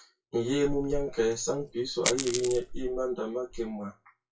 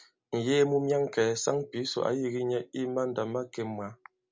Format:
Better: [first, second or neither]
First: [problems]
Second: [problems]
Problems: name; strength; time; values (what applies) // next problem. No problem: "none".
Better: second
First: noise reduction (classical method WPE with log-MMSE)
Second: none